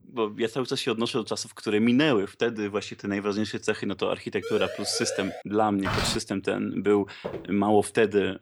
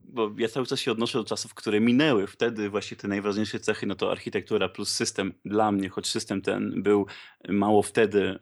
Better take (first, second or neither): second